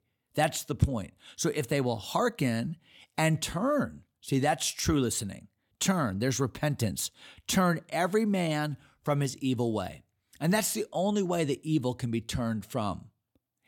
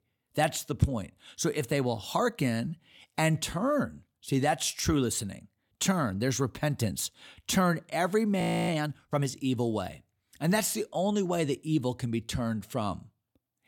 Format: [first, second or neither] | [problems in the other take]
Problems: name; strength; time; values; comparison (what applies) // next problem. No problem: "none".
first | audio freezing; at 8.5 s